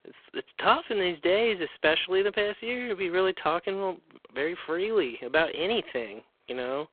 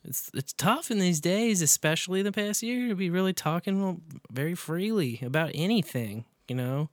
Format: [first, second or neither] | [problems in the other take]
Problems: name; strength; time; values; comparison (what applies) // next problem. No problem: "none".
second | phone-call audio; poor line